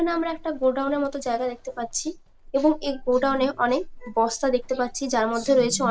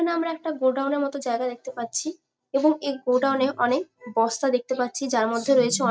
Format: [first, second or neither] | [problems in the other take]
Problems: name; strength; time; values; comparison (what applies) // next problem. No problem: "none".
second | background sound (Livestock, farm animals, working animals); 17 dB below the speech